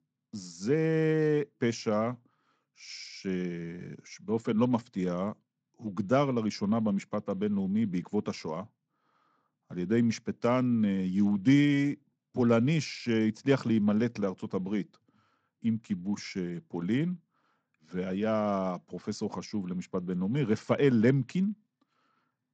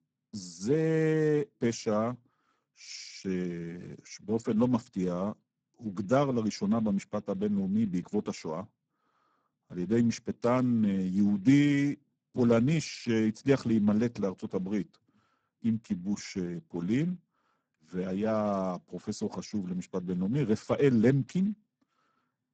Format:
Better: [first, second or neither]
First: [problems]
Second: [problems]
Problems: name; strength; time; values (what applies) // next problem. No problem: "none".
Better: first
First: garbled, watery; slightly; nothing above 7.5 kHz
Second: garbled, watery; badly; nothing above 7.5 kHz